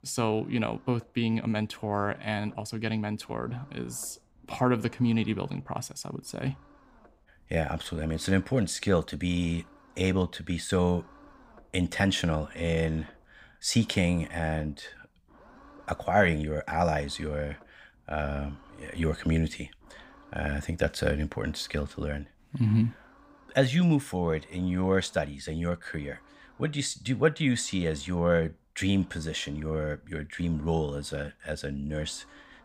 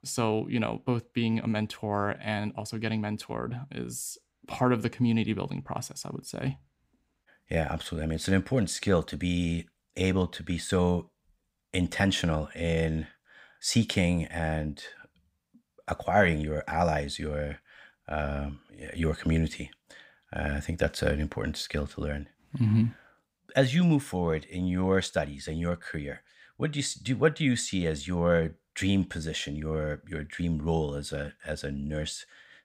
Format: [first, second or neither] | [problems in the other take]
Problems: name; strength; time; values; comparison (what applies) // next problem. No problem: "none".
second | low rumble; faint; throughout; 25 dB below the speech